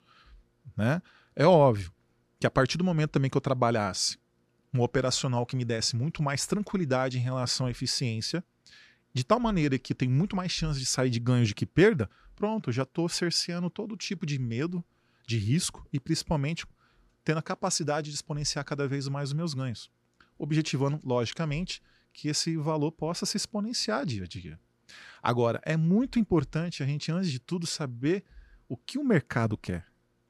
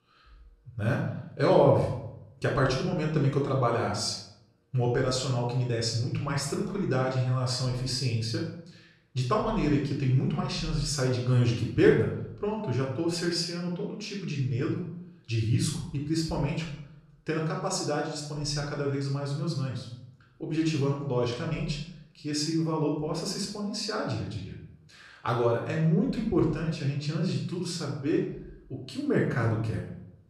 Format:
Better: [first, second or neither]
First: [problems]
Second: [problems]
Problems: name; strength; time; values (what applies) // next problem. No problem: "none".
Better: first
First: none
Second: off-mic speech; far // room echo; noticeable; dies away in 0.6 s